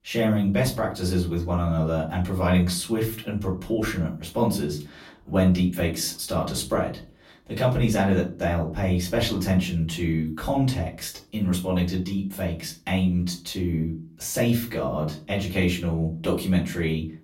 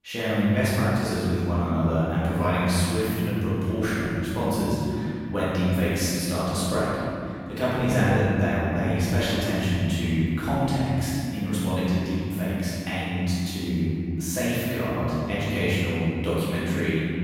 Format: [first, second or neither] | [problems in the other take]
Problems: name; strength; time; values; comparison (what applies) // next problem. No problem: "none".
first | room echo; strong; dies away in 3 s; slight in the first // off-mic speech; far; far in the first